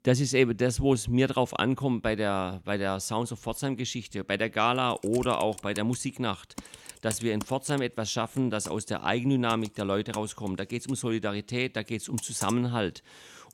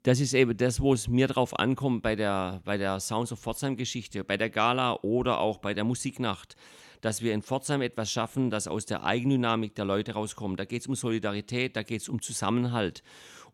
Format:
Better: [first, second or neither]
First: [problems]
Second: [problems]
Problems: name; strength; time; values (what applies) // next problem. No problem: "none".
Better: second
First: keyboard typing; noticeable; from 5 to 13 s; peak 8 dB below the speech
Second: none